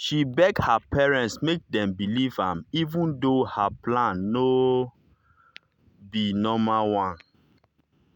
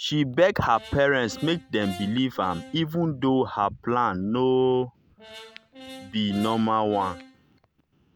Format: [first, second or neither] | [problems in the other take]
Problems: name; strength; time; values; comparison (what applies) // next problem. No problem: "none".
first | background sound (Brass instrument); 19 dB below the speech